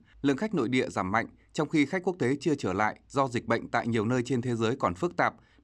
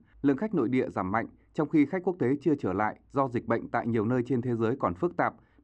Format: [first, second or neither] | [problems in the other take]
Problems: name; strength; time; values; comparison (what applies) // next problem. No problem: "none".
first | muffled; very; fading above 2.5 kHz